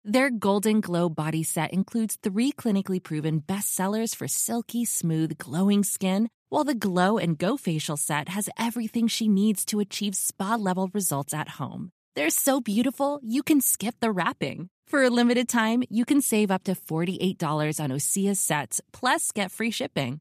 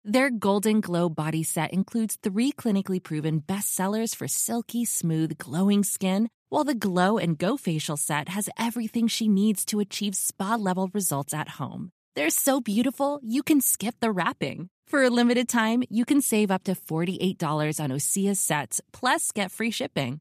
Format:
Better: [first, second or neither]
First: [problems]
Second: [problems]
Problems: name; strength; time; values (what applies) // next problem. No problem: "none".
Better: neither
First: none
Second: none